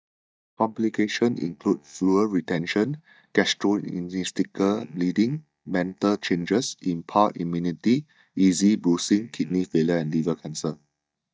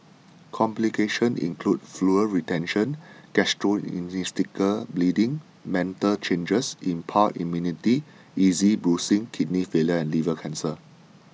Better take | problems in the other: second | noise reduction (neural mask model DeepFilterNet 3)

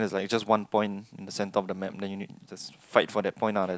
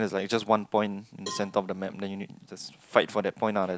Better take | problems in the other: first | background sound (Cowbell); 17 dB below the speech

